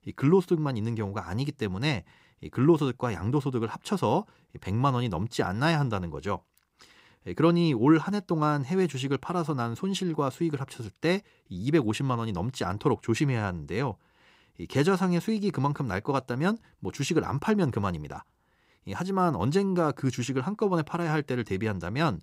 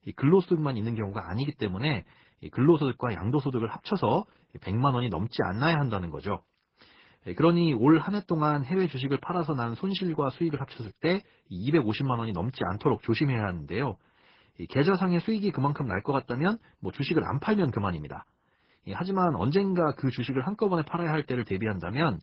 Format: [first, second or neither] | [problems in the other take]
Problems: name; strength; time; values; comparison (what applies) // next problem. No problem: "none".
first | garbled, watery; badly; nothing above 5 kHz